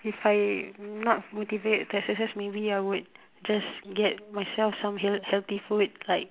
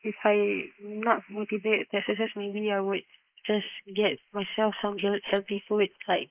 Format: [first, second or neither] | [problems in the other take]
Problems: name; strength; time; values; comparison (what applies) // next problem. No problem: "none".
first | noise reduction (neural mask model Resemble Enhance denoiser)